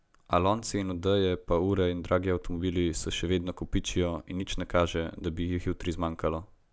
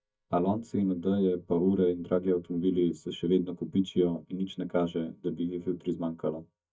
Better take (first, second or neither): first